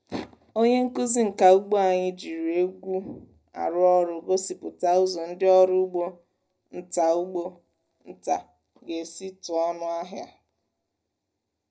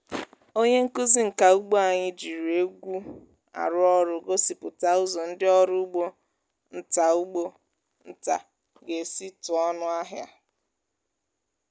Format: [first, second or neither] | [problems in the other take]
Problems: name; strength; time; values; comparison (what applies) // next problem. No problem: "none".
second | room echo; dies away in 0.4 s